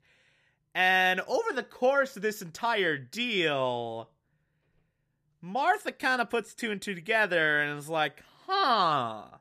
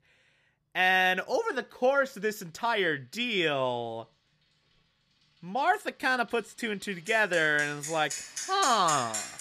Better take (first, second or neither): first